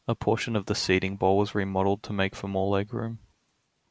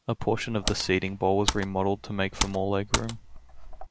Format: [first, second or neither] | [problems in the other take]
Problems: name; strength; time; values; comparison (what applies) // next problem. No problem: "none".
first | background sound (Computer keyboard); 5 dB below the speech